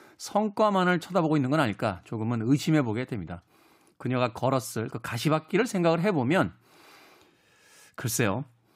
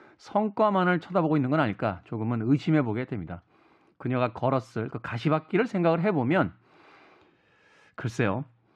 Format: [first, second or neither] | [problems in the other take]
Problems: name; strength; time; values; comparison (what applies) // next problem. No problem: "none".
first | muffled; slightly; fading above 2.5 kHz